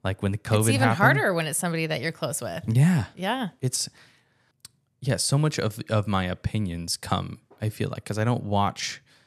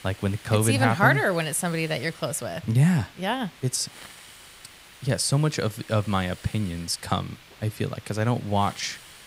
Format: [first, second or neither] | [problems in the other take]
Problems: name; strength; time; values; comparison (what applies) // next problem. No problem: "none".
first | hiss; faint; throughout; 20 dB below the speech